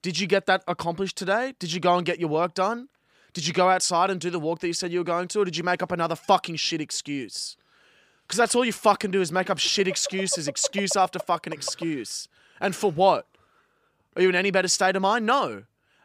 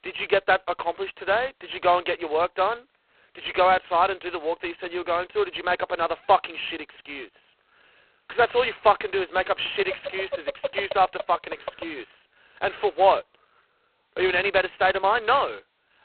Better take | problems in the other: first | phone-call audio; poor line; nothing above 4 kHz

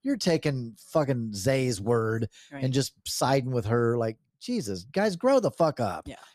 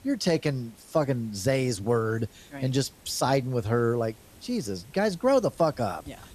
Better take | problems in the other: first | hiss; faint; throughout; 25 dB below the speech

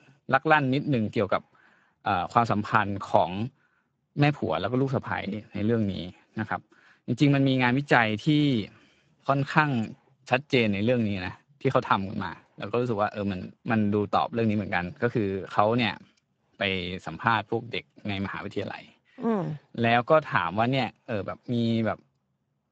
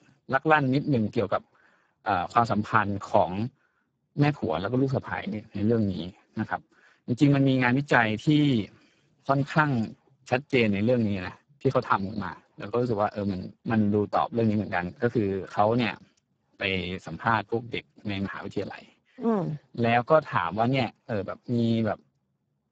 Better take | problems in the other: first | garbled, watery; badly; nothing above 7.5 kHz; slightly in the first

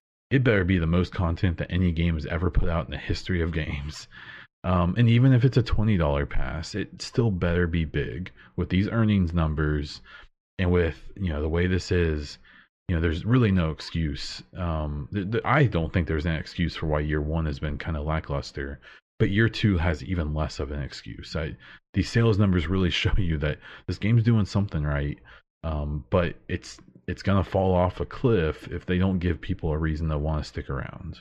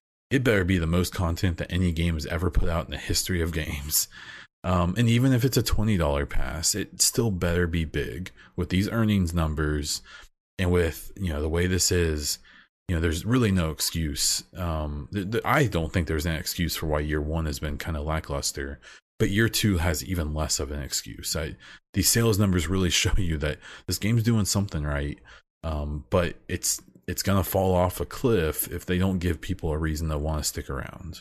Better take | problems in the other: second | muffled; slightly; fading above 3.5 kHz

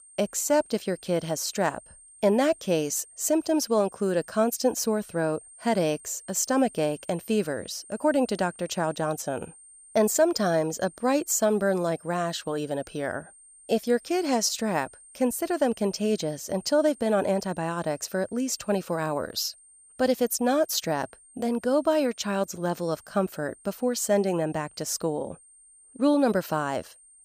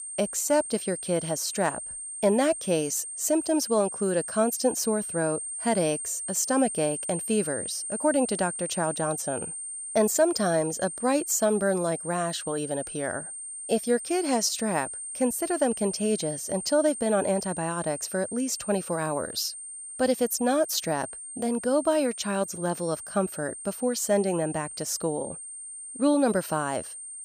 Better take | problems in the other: first | high-pitched whine; loud; throughout; 8.5 kHz, 7 dB below the speech; faint in the first

